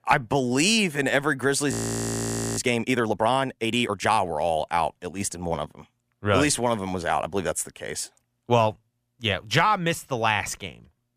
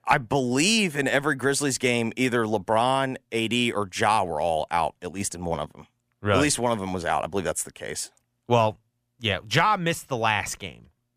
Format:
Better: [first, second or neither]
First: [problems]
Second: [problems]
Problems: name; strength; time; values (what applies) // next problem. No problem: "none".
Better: second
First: audio freezing; at 1.5 s for 1 s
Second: none